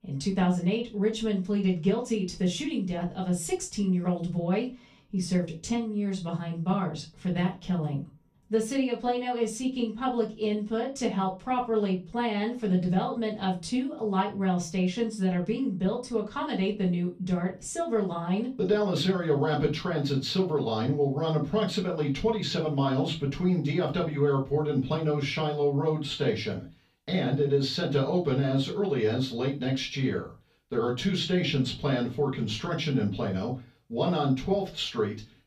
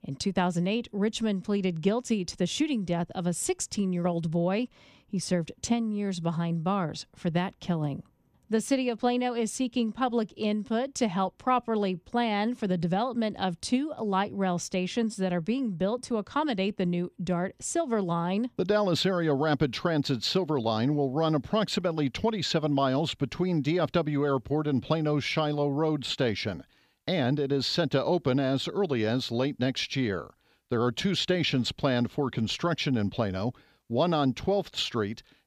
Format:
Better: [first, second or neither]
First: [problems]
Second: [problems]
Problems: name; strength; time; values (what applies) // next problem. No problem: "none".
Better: second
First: off-mic speech; far // room echo; very slight; dies away in 0.2 s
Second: none